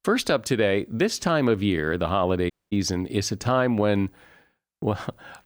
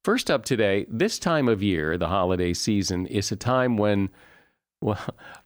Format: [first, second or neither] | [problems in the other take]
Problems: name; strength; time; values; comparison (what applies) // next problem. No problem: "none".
second | audio cutting out; at 2.5 s